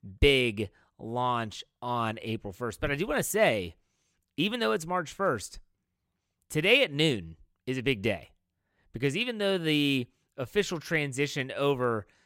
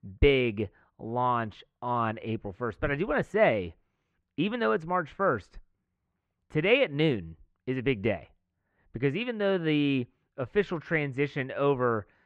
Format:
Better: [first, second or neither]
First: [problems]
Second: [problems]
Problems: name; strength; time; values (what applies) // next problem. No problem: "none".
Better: first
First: none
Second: muffled; very; fading above 1.5 kHz